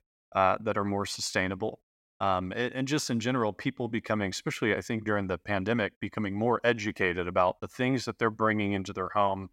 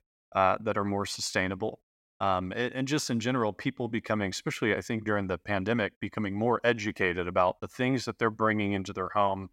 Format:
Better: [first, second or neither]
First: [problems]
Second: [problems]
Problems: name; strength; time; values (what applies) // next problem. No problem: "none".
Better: neither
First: none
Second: none